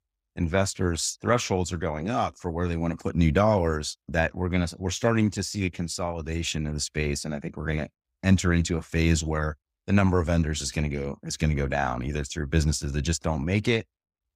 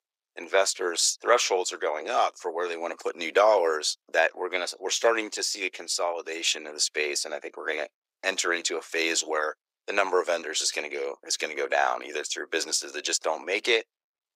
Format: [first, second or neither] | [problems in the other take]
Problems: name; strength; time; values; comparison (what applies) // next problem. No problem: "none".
first | thin; very; fading below 400 Hz